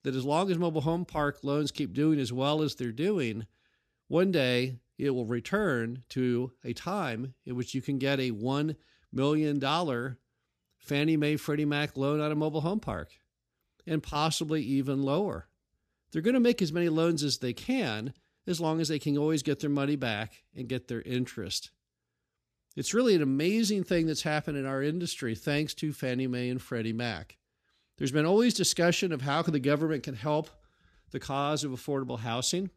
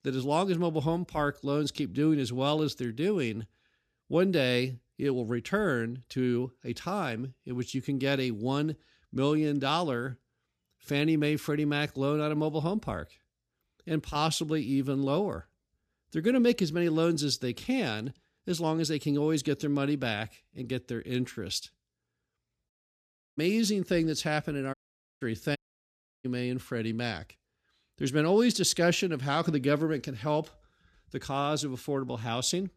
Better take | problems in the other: first | audio cutting out; at 23 s for 0.5 s, at 25 s and at 26 s for 0.5 s

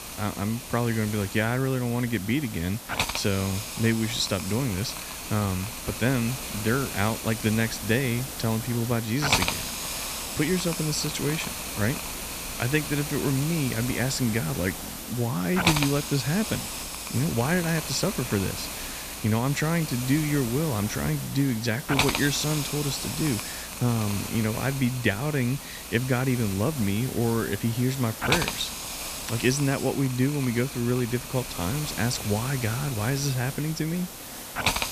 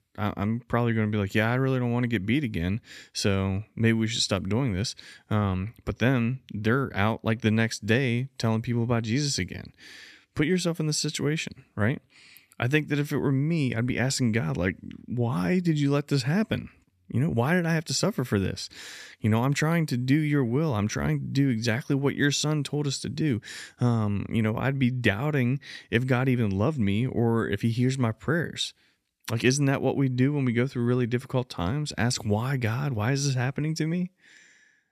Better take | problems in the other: second | hiss; loud; throughout; 5 dB below the speech

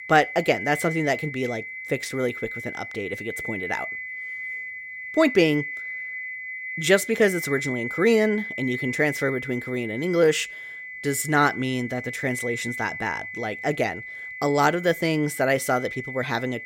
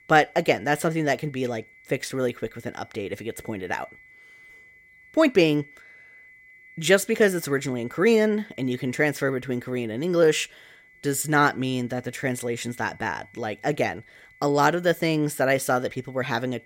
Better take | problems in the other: second | high-pitched whine; loud; throughout; 2 kHz, 8 dB below the speech; faint in the second

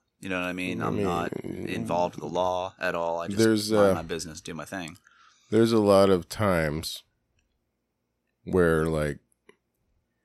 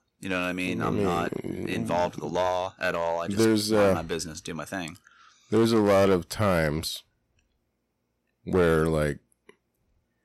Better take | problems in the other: first | distortion; slight; 5% of the sound clipped

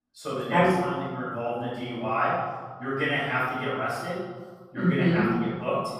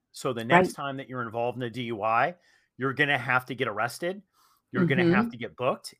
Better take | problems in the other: second | off-mic speech; far // room echo; strong; dies away in 1.4 s

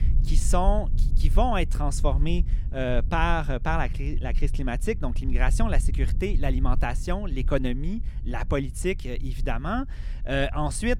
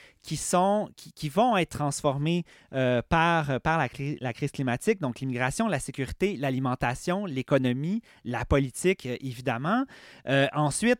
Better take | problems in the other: second | low rumble; noticeable; throughout; 20 dB below the speech

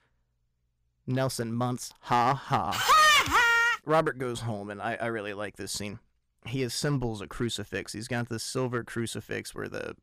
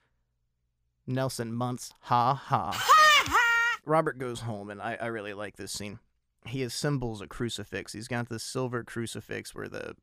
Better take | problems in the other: second | distortion; slight; 3% of the sound clipped

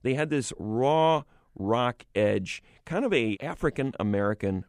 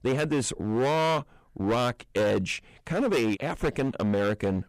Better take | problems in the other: first | distortion; heavy; 15% of the sound clipped

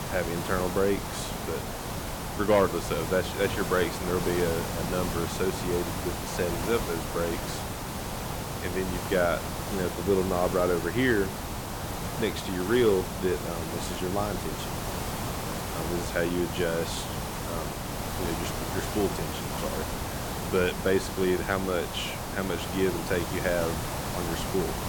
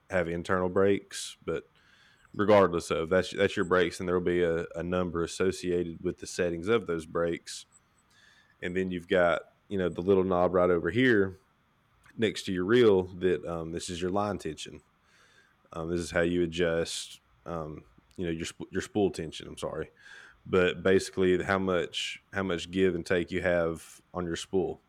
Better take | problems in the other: second | hiss; loud; throughout; 3 dB below the speech

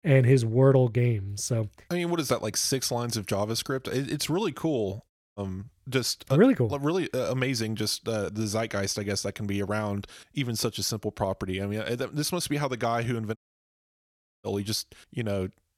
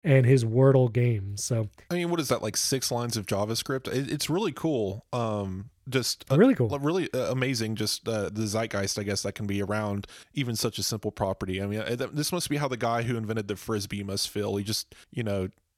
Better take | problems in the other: second | audio cutting out; at 5 s and at 13 s for 1 s

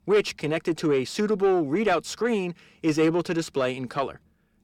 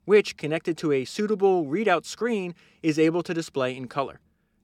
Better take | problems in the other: second | distortion; slight; 10 dB below the speech

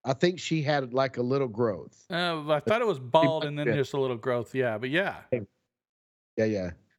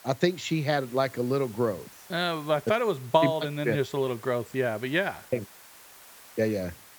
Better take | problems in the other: first | hiss; faint; throughout; 20 dB below the speech

